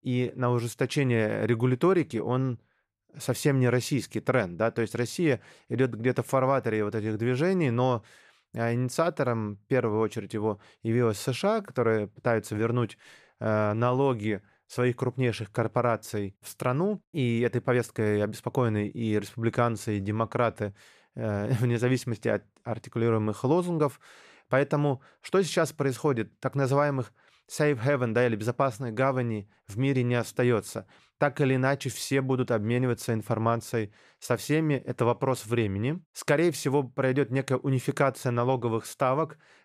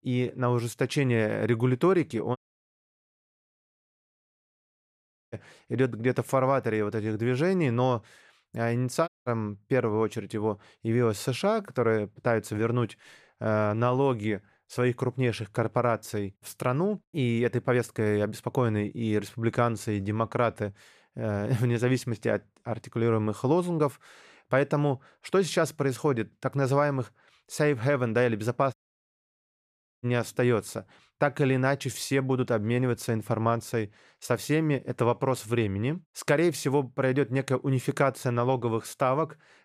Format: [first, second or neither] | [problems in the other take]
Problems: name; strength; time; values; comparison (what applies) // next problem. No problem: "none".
first | audio cutting out; at 2.5 s for 3 s, at 9 s and at 29 s for 1.5 s